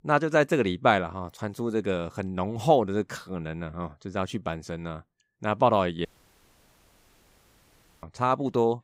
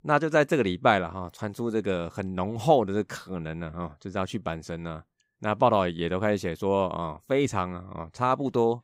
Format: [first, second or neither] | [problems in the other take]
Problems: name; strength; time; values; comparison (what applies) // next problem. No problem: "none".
second | audio cutting out; at 6 s for 2 s